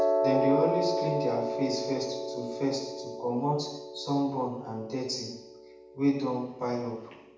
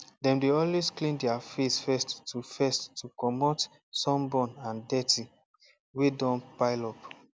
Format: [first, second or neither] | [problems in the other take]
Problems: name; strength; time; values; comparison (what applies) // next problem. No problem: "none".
second | background sound (Piano); 1 dB below the speech // room echo; dies away in 0.8 s